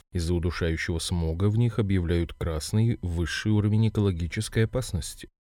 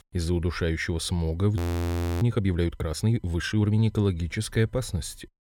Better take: first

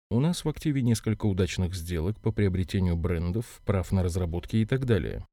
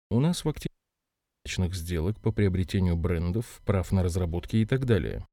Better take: first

